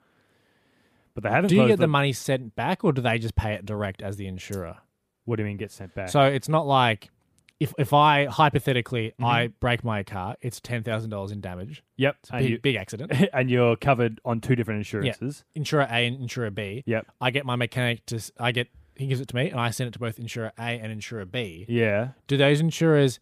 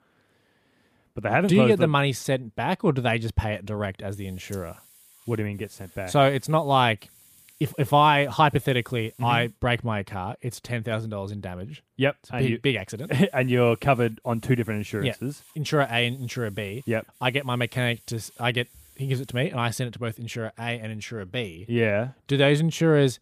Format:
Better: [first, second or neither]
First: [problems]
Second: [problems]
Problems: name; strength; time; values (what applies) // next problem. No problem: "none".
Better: first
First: none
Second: hiss; faint; from 4 to 9.5 s and from 13 to 19 s; 25 dB below the speech